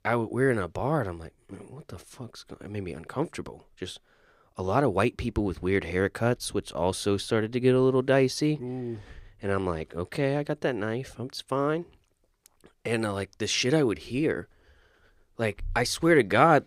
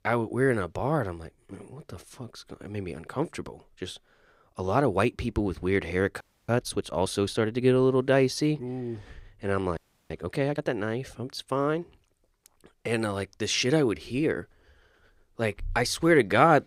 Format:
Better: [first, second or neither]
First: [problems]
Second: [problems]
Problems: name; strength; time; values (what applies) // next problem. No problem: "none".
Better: first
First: none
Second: audio freezing; at 6 s and at 10 s